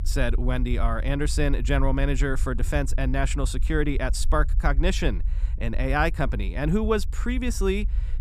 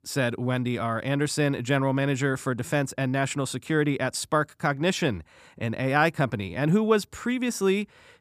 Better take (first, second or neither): second